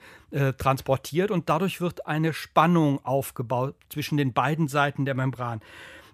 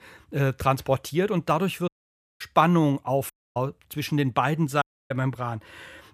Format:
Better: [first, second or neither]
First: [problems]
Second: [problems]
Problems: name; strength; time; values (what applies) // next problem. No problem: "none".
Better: first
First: none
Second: audio cutting out; at 2 s for 0.5 s, at 3.5 s and at 5 s